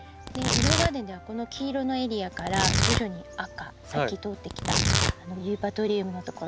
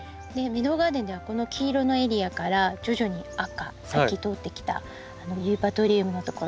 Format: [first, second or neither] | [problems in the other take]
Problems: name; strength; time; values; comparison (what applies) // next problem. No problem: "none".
second | background sound (Tearing); 2 dB above the speech